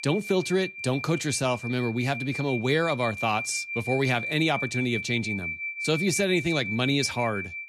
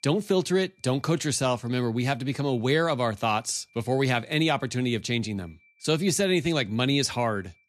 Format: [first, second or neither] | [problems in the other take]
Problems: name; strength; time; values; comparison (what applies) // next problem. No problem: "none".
second | high-pitched whine; loud; throughout; 2.5 kHz, 6 dB below the speech; faint in the second